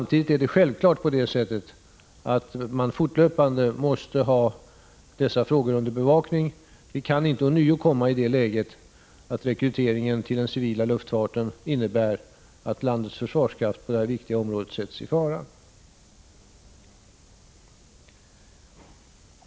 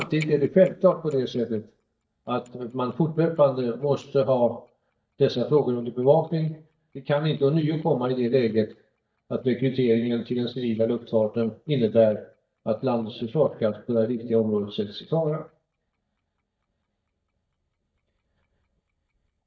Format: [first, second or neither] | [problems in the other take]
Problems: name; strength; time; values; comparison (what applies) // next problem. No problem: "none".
first | noise reduction (neural mask model DeepFilterNet 3)